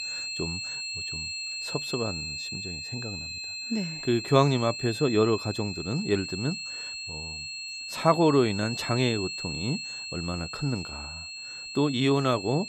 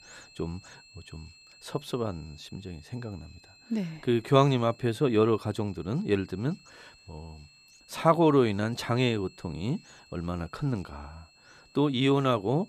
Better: second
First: high-pitched whine; loud; throughout; 4 kHz, 6 dB below the speech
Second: high-pitched whine; faint; throughout; 4 kHz, 25 dB below the speech

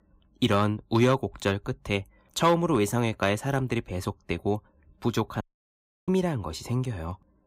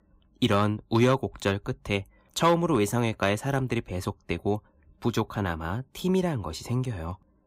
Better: second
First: audio cutting out; at 5.5 s for 0.5 s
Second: none

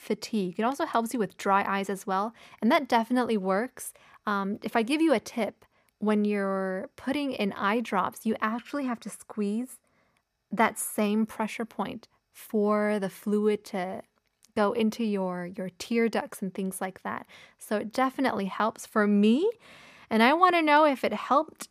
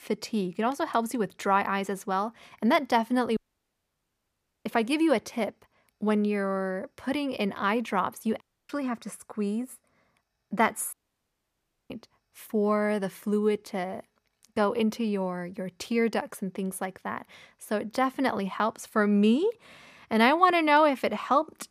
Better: first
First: none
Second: audio cutting out; at 3.5 s for 1.5 s, at 8.5 s and at 11 s for 1 s

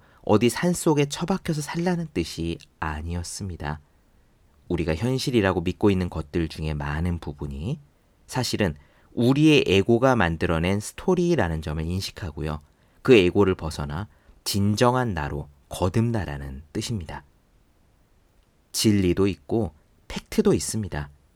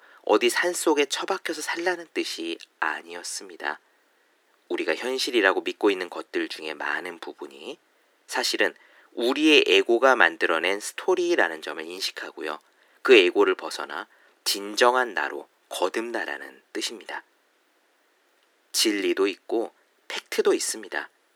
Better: first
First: none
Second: thin; very; fading below 300 Hz

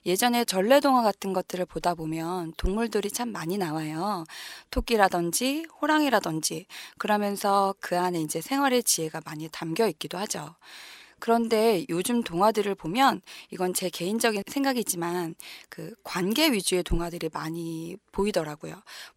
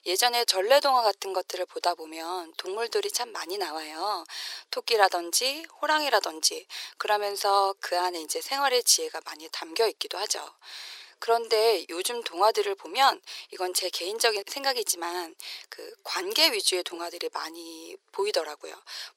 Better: first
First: none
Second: thin; very; fading below 400 Hz

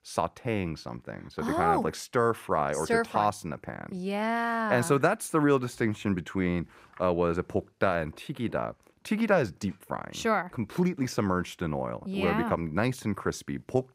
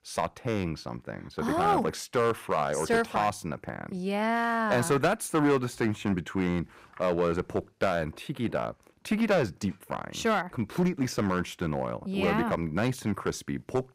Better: first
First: none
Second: distortion; slight; 3% of the sound clipped

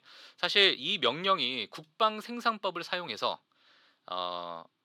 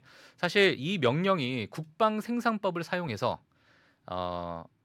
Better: second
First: thin; somewhat; fading below 300 Hz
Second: none

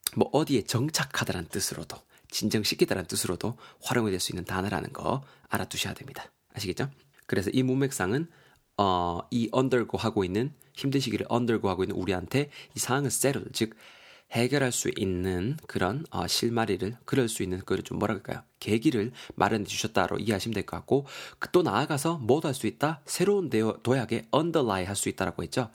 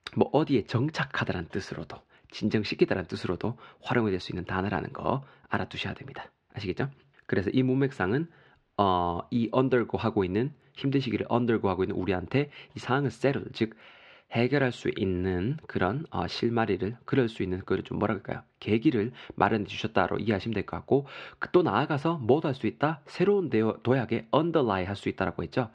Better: first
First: none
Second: muffled; slightly; fading above 3 kHz

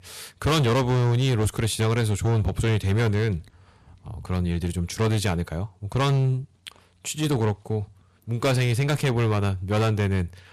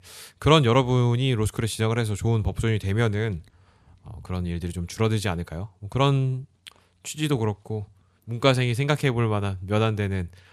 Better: second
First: distortion; heavy; 14% of the sound clipped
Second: none

